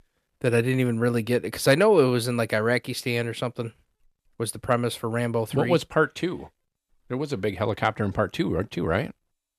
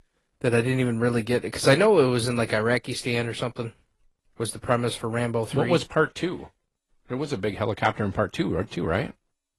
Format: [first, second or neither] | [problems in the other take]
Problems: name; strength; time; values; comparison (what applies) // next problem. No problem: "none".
first | garbled, watery; slightly; nothing above 11 kHz